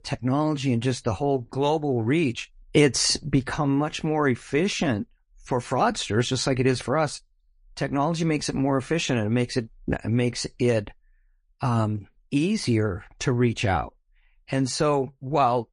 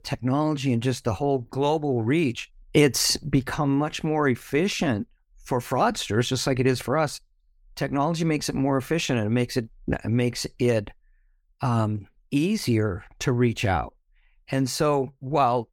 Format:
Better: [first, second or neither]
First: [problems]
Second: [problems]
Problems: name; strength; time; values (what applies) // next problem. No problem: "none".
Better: second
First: garbled, watery; slightly; nothing above 10.5 kHz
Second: none